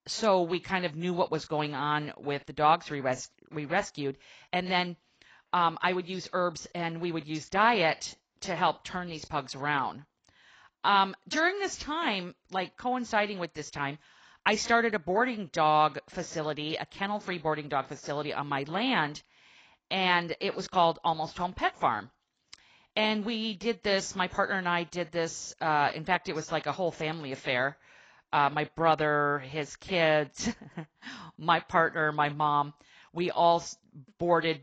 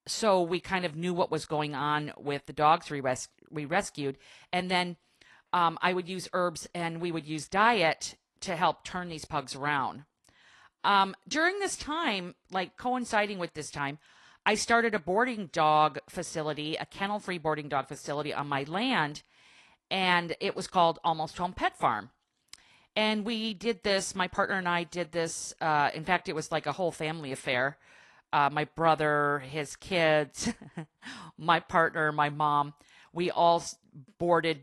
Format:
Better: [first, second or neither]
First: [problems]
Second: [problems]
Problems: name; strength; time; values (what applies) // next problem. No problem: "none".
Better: second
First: garbled, watery; badly; nothing above 7.5 kHz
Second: garbled, watery; slightly